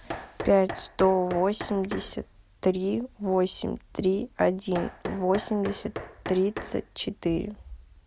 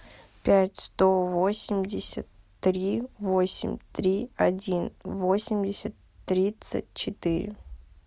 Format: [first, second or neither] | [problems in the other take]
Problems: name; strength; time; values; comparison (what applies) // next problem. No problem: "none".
second | background sound (Knock); 13 dB below the speech